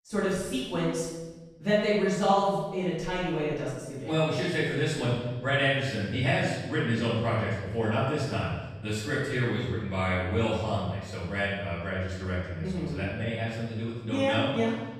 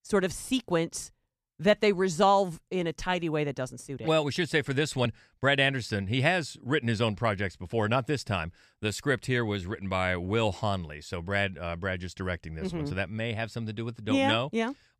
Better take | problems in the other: second | off-mic speech; far // room echo; strong; dies away in 1.1 s

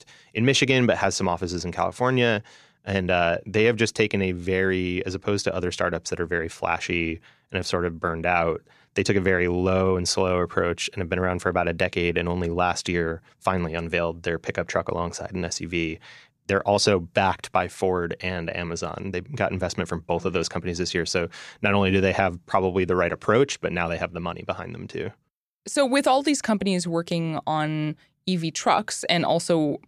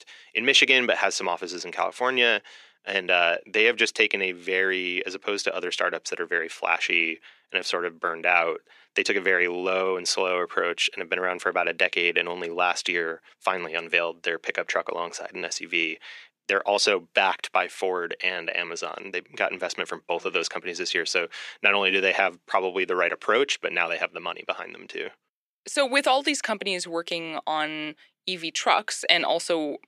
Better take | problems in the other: first | thin; somewhat; fading below 300 Hz

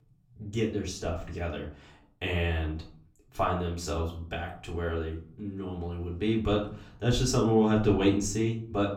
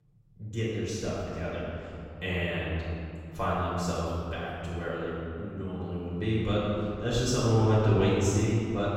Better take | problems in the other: first | room echo; strong; dies away in 2.5 s; slight in the first // off-mic speech; far; far in the first

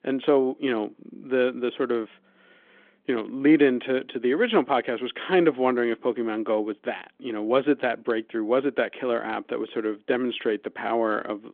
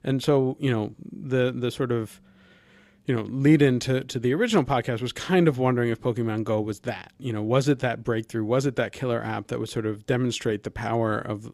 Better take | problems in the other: second | phone-call audio; nothing above 3.5 kHz

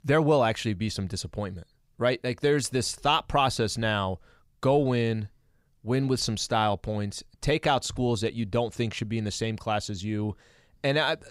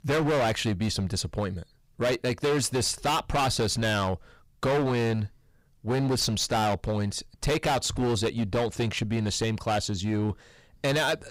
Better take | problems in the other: first | distortion; heavy; 17% of the sound clipped

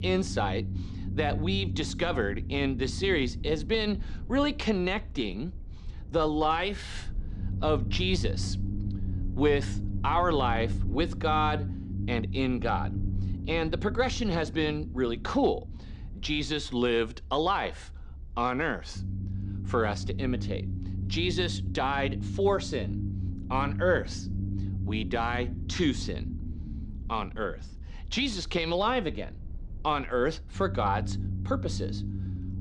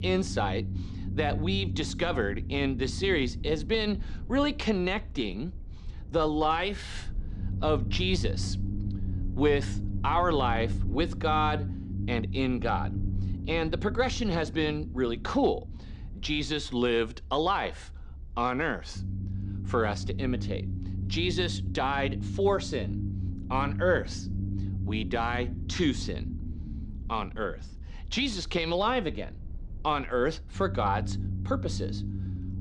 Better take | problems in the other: neither | low rumble; noticeable; throughout; 15 dB below the speech; the same in both

